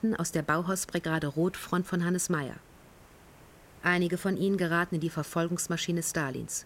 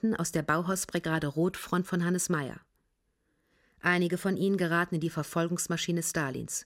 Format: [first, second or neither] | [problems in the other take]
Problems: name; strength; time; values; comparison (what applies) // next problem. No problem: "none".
second | hiss; faint; throughout; 25 dB below the speech